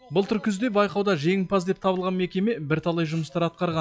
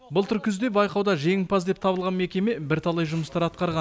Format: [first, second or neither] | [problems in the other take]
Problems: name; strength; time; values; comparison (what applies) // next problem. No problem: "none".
second | noise reduction (classical method log-MMSE)